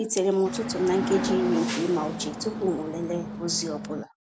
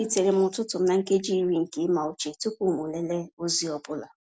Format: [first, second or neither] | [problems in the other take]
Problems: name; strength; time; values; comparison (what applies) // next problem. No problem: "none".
second | background sound (Hiss / Bus / Engine); 4 dB below the speech